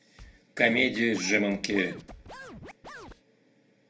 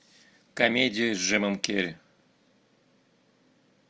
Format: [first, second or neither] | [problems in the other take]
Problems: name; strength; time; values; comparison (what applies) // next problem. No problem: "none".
second | background sound (Scratching (performance technique)); 16 dB below the speech // room echo; dies away in 0.3 s